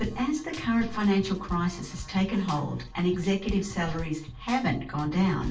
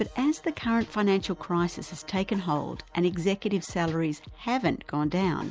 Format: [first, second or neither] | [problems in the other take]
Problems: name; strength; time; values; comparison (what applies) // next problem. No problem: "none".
second | background sound (Drum / Drum kit); 16 dB below the speech // room echo; dies away in 0.3 s